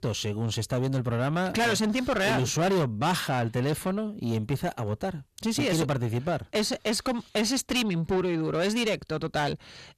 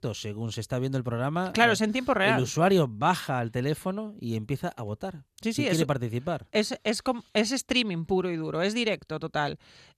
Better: second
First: distortion; heavy; 7 dB below the speech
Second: none

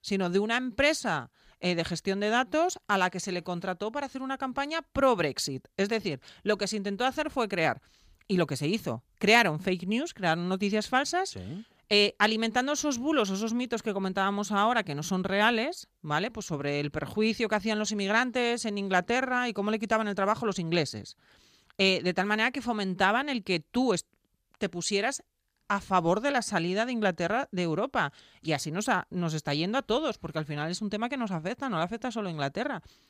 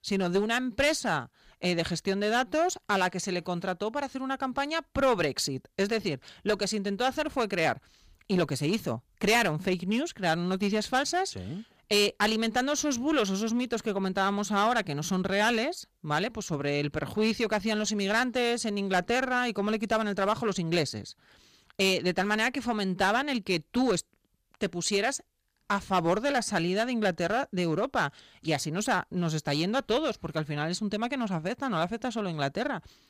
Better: first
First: none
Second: distortion; slight; 5% of the sound clipped

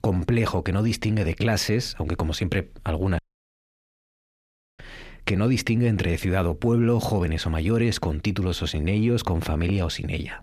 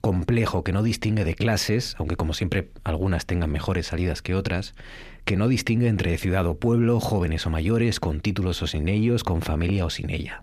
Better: second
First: audio cutting out; at 3 s for 1.5 s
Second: none

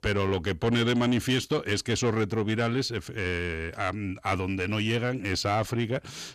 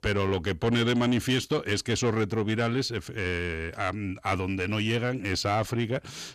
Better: neither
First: distortion; slight; 10 dB below the speech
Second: distortion; slight; 10 dB below the speech

